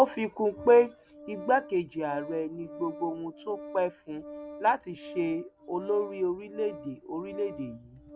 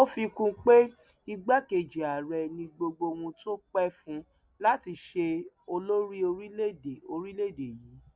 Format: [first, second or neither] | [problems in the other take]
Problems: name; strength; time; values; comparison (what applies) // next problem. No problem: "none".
second | background sound (Organ); 15 dB below the speech